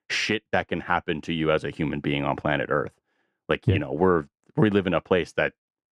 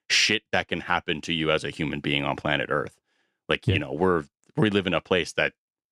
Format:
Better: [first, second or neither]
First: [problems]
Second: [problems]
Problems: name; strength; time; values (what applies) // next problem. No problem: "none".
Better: second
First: muffled; slightly; fading above 2.5 kHz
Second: none